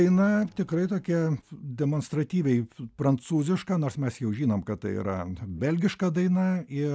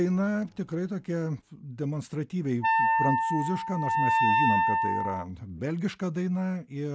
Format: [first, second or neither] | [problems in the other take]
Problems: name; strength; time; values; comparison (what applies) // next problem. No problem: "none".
first | background sound (Wind instrument, woodwind instrument); 5 dB above the speech